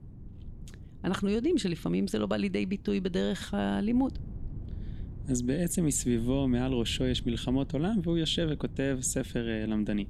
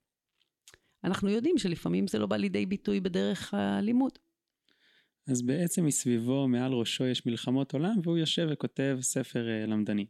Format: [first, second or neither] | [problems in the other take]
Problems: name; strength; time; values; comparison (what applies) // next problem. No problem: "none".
second | wind noise on the microphone; occasional gusts; 20 dB below the speech